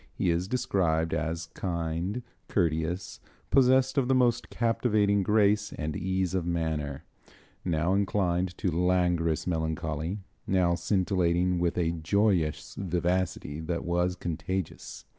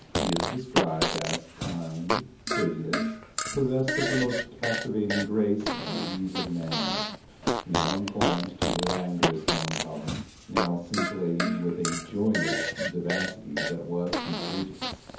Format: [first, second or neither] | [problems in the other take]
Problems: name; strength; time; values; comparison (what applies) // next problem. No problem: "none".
first | background sound (Fart); as loud as the speech // room echo; dies away in 0.7 s